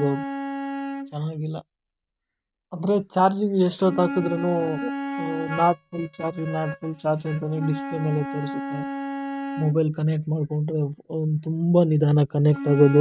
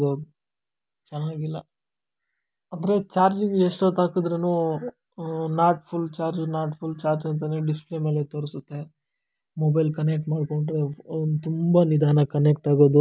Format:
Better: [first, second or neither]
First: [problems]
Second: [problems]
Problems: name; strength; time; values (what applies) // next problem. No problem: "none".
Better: second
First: noise reduction (neural mask model RNNoise)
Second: none